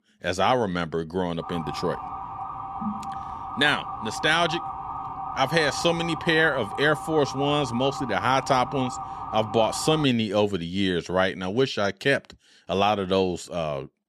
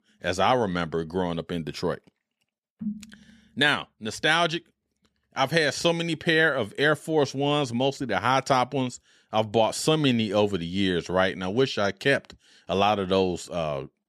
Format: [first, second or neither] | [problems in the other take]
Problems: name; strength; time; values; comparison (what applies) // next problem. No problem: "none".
second | siren; noticeable; from 1.5 to 10 s; peak 8 dB below the speech